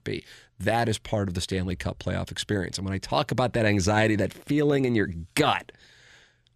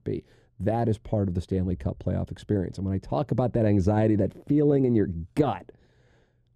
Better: first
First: none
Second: muffled; slightly; fading above 1 kHz

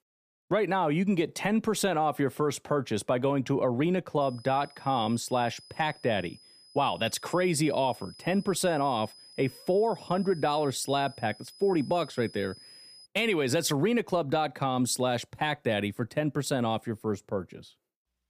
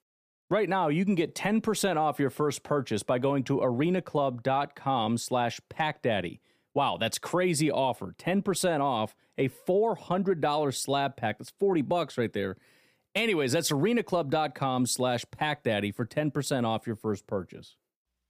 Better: second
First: high-pitched whine; faint; from 4 to 13 s; 5 kHz, 20 dB below the speech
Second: none

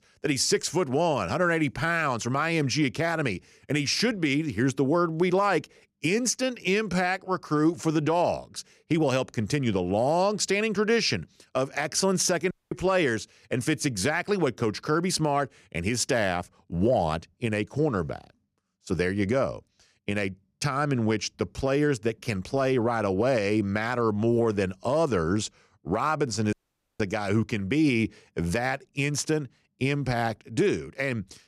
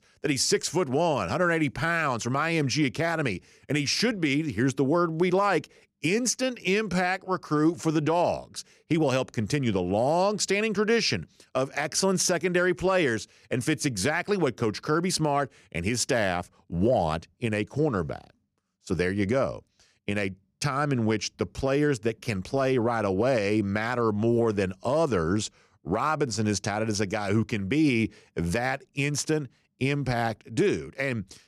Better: second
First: audio cutting out; at 13 s and at 27 s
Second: none

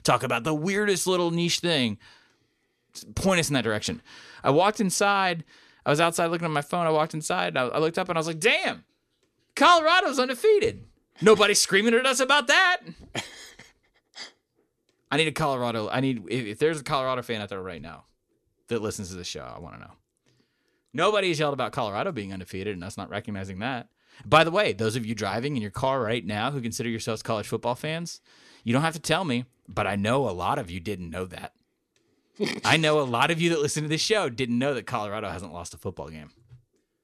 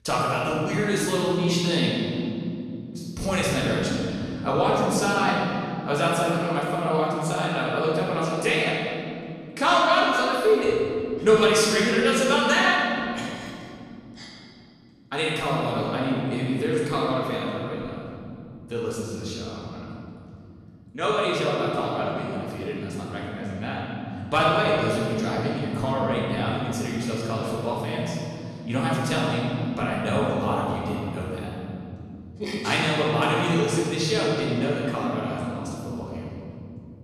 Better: first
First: none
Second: room echo; strong; dies away in 3 s // off-mic speech; far

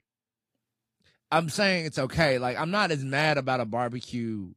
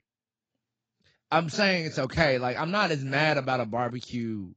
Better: first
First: garbled, watery; slightly; nothing above 15 kHz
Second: garbled, watery; badly; nothing above 7.5 kHz

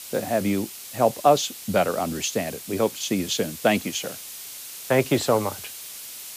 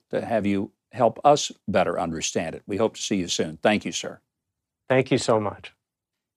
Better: second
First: hiss; noticeable; throughout; 10 dB below the speech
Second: none

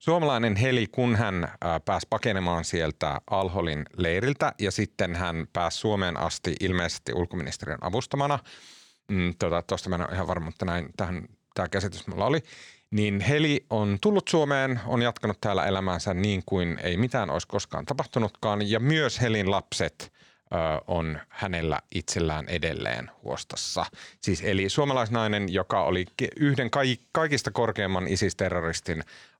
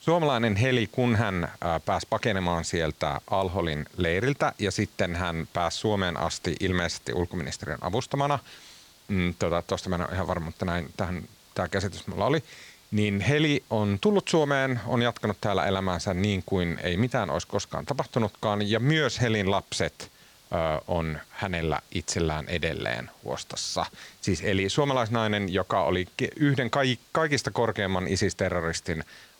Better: first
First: none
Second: hiss; faint; throughout; 25 dB below the speech

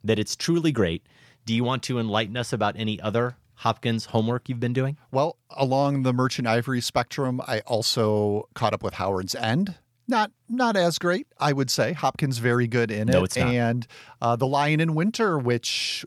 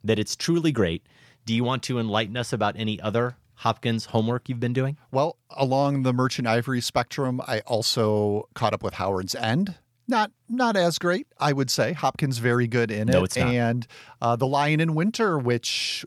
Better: neither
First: none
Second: none

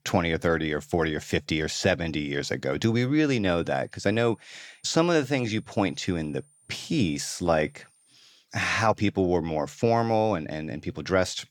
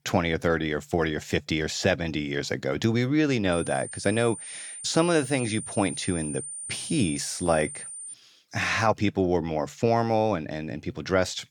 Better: first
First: high-pitched whine; faint; from 3.5 to 8 s; 9 kHz, 35 dB below the speech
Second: high-pitched whine; loud; from 3.5 to 8 s; 9 kHz, 9 dB below the speech

